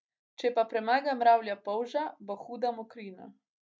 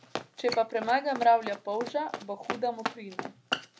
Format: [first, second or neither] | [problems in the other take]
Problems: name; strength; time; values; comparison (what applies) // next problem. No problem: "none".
first | background sound (Run); 9 dB below the speech